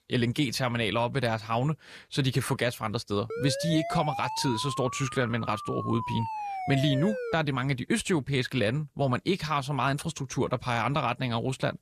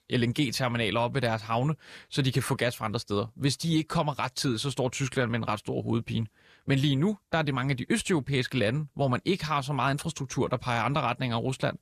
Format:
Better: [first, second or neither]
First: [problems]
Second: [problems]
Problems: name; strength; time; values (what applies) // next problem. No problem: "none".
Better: second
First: siren; noticeable; from 3.5 to 7.5 s; peak 5 dB below the speech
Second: none